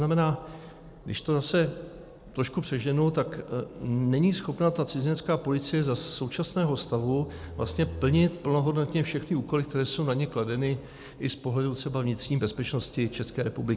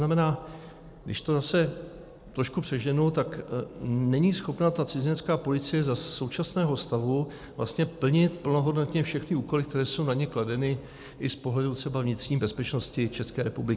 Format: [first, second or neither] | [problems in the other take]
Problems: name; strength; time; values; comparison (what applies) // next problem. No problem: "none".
second | background sound (Bowed string instrument); 12 dB below the speech